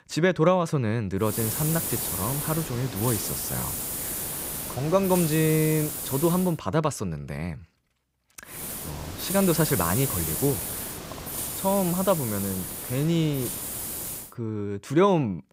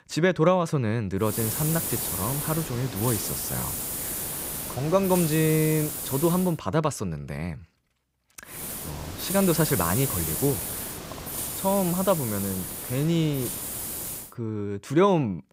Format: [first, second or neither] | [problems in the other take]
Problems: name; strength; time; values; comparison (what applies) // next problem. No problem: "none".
neither | hiss; loud; from 1.5 to 6.5 s and from 8.5 to 14 s; 4 dB below the speech; the same in both